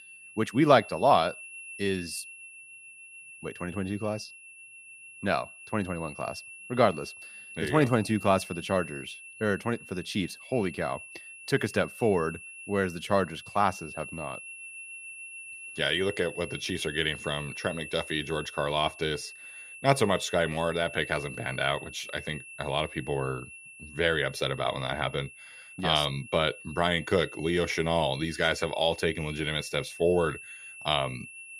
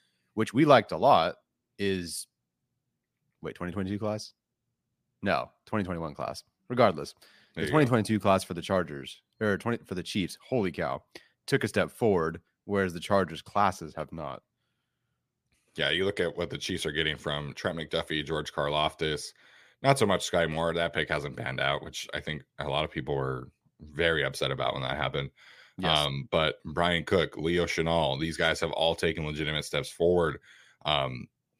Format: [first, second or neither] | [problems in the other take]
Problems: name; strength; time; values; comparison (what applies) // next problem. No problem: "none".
second | high-pitched whine; noticeable; throughout; 2.5 kHz, 15 dB below the speech